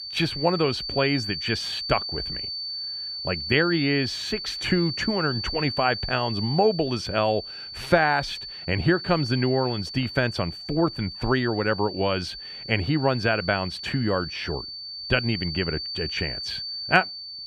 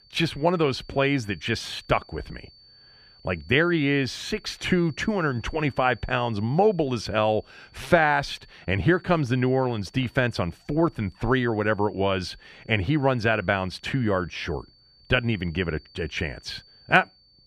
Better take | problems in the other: second | high-pitched whine; loud; throughout; 4.5 kHz, 6 dB below the speech; faint in the second

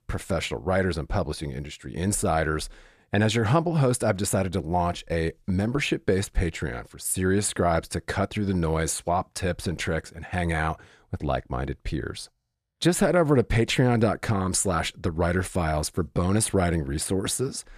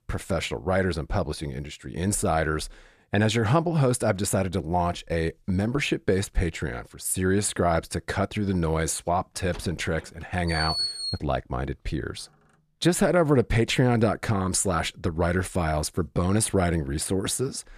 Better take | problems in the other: first | door banging; noticeable; from 9.5 to 11 s; peak level with the speech

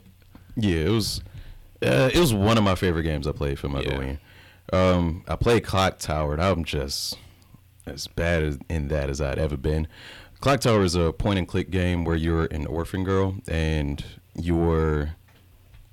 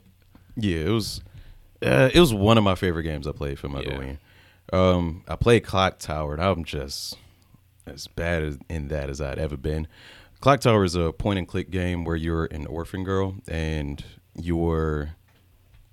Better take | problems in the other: second | distortion; heavy; 8 dB below the speech

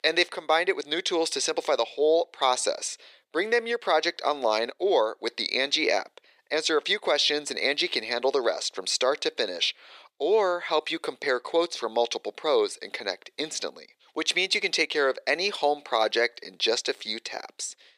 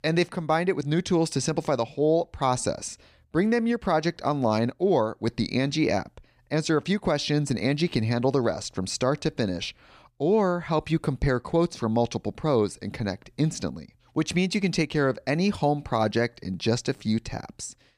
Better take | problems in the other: second | thin; very; fading below 400 Hz

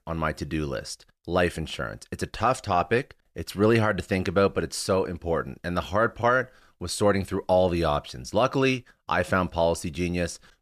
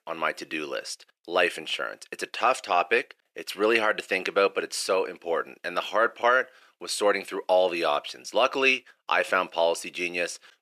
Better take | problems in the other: first | thin; somewhat; fading below 350 Hz

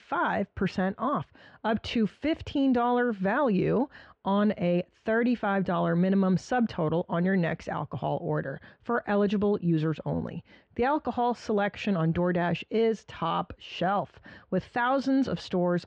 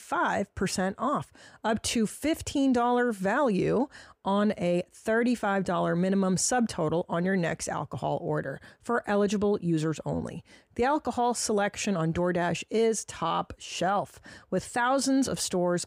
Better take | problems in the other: second | muffled; slightly; fading above 4 kHz

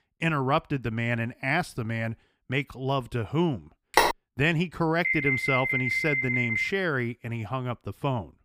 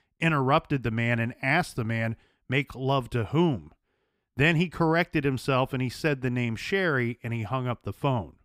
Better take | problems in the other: second | phone ringing; loud; at 4 s; peak 5 dB above the speech // alarm; loud; from 5 to 6.5 s; peak 4 dB above the speech

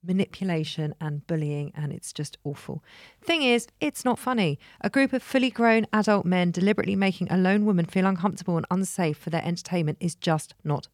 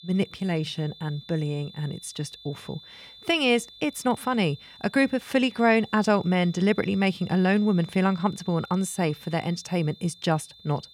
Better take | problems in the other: first | high-pitched whine; faint; throughout; 3.5 kHz, 20 dB below the speech

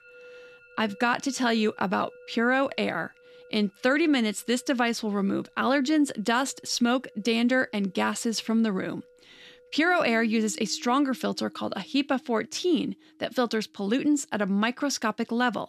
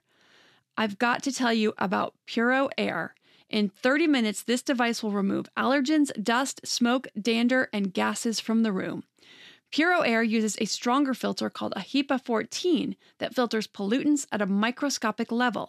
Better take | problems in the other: second | background music; faint; throughout; 25 dB below the speech

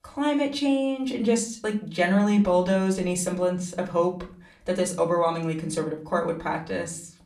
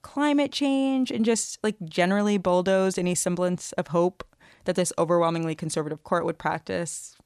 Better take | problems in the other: second | off-mic speech; far // room echo; very slight; dies away in 0.3 s

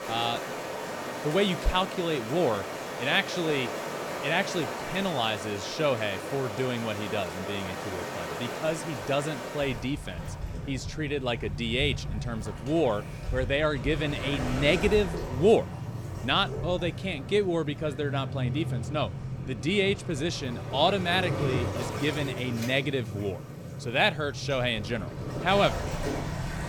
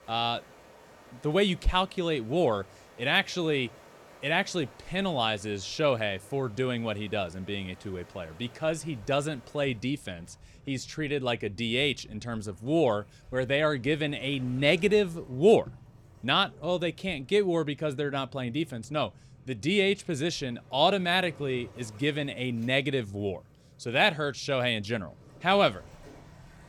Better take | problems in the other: second | rain or running water; loud; throughout; 6 dB below the speech; faint in the second

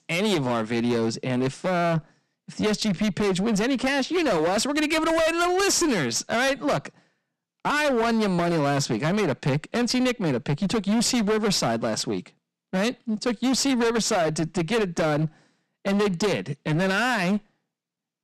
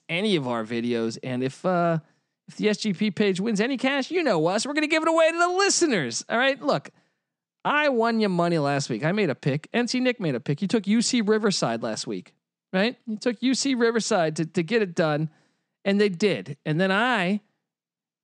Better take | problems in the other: second | distortion; heavy; 22% of the sound clipped

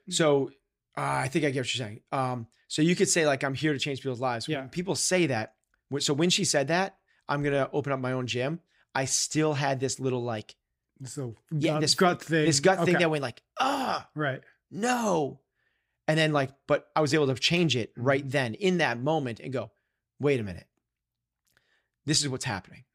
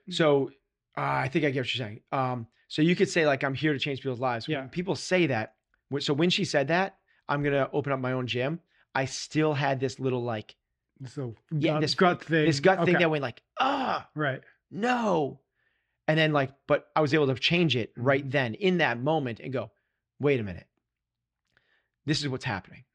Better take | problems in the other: first | muffled; slightly; fading above 3 kHz

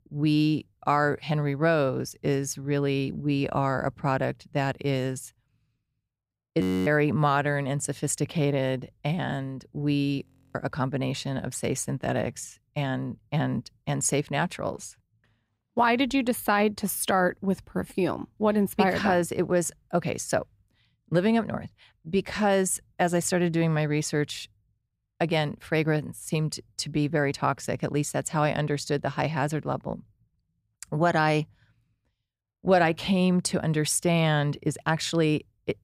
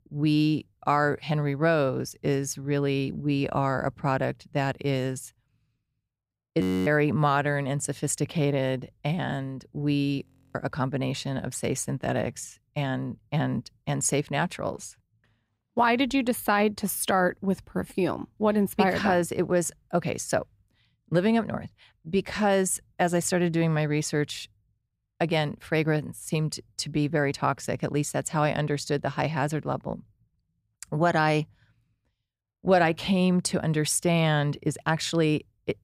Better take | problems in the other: neither | audio freezing; at 6.5 s and at 10 s; the same in both

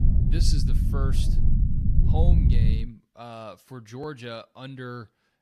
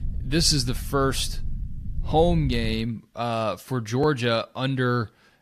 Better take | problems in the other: second | low rumble; loud; until 3 s; 1 dB below the speech; faint in the second

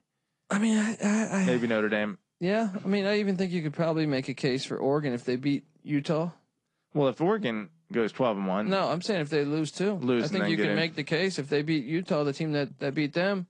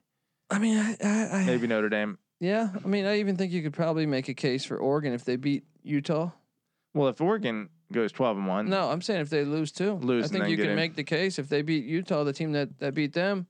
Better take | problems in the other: second | garbled, watery; slightly; nothing above 8.5 kHz

